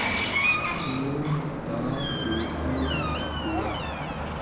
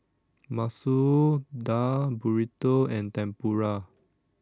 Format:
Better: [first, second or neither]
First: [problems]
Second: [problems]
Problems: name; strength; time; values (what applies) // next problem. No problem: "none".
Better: second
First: background sound (Door); 4 dB above the speech // room echo; dies away in 0.7 s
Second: none